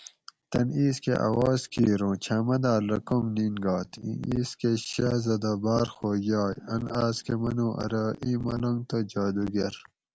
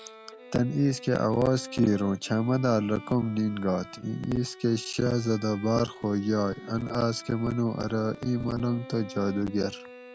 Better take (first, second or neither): first